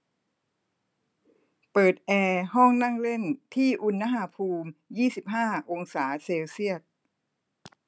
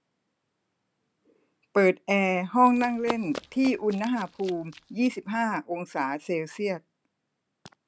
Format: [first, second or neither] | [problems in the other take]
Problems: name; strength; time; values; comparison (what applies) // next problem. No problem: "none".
first | background sound (Run); 14 dB below the speech